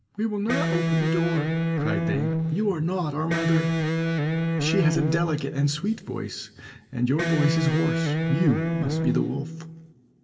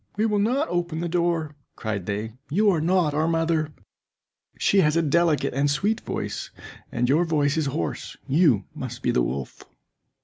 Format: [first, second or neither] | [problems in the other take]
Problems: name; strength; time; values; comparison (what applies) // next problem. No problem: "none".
second | background sound (Electric guitar); 2 dB above the speech // room echo; dies away in 1.3 s